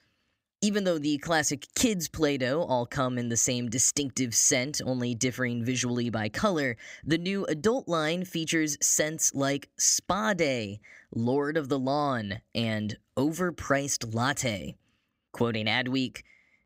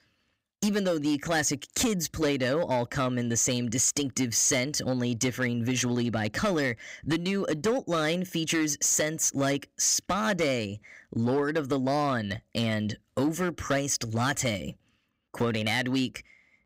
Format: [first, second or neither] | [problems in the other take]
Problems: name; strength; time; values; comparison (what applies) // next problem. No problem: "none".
first | distortion; slight; 8% of the sound clipped